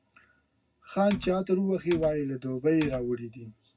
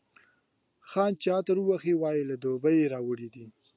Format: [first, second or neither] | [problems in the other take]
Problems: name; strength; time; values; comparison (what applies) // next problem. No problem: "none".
second | background sound (Typing); 13 dB below the speech // room echo; dies away in 0.4 s